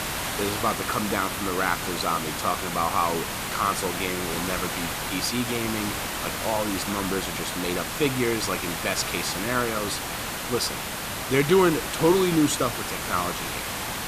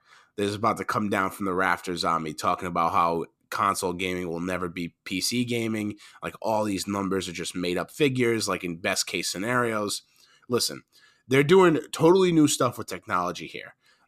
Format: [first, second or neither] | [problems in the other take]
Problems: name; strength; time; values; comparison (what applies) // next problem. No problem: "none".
second | hiss; loud; throughout; 3 dB below the speech